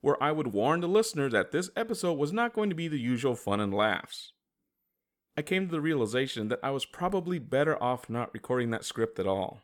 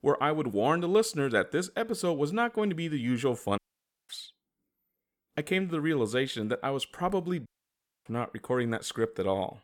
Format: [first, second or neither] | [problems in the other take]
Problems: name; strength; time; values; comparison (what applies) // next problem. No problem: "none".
first | audio cutting out; at 3.5 s for 0.5 s and at 7.5 s for 0.5 s